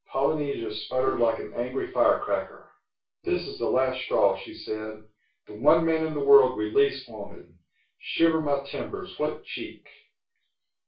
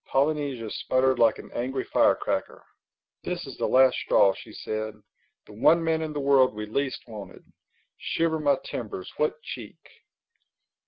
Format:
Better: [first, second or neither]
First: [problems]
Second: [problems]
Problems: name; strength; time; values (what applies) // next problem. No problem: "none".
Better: second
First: room echo; dies away in 0.3 s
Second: none